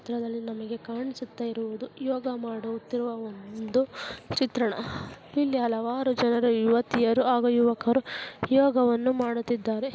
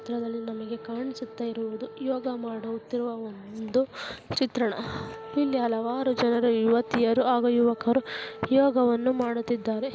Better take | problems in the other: first | background sound (Wind instrument, woodwind instrument); 17 dB below the speech

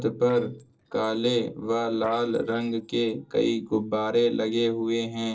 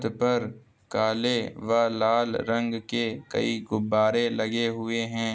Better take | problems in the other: second | noise reduction (neural separator model SepFormer DNS4)

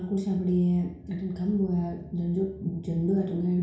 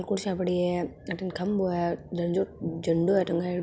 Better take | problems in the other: second | room echo; dies away in 0.6 s

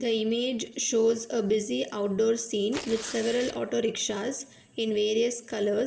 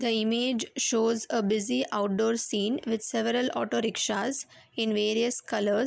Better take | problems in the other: second | background sound (Tearing); 15 dB below the speech // room echo; dies away in 0.9 s

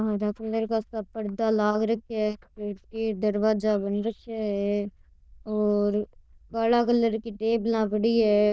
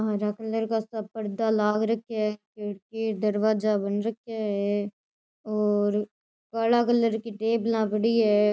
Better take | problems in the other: second | noise reduction (neural diffusion model UNIVERSE++)

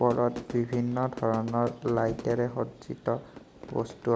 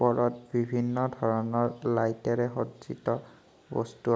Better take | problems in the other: second | background sound (Fire / Fireworks); 14 dB below the speech

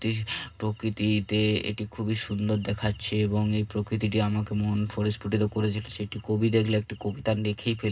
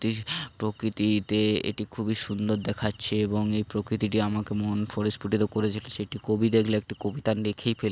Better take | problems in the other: second | room echo; dies away in 0.2 s

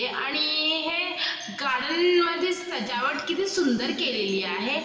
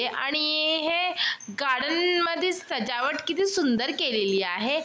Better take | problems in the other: second | room echo; dies away in 2.3 s

